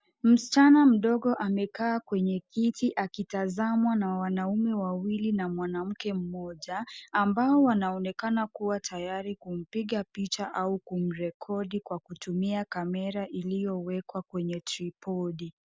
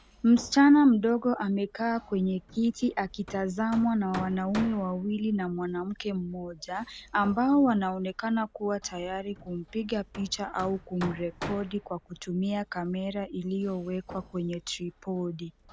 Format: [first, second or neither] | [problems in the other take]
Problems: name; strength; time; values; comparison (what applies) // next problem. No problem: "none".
first | background sound (Hammer); 18 dB below the speech